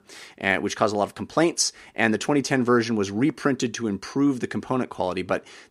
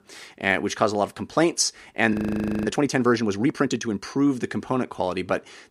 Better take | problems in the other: first | audio freezing; at 2 s for 0.5 s

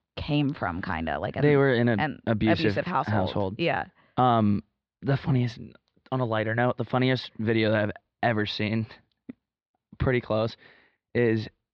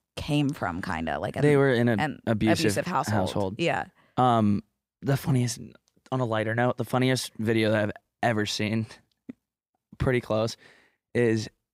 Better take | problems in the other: second | muffled; very slightly; fading above 4 kHz

